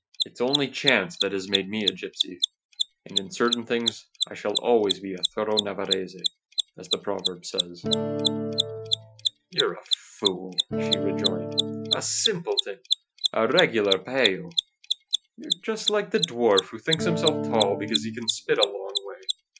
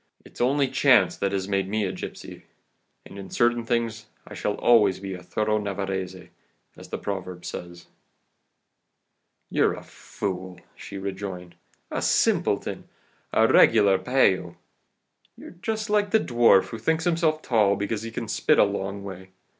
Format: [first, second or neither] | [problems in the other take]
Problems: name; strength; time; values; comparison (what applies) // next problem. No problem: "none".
second | noise reduction (classical method Wiener filter)